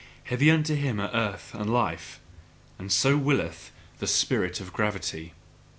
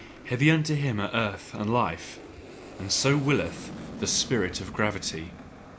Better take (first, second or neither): first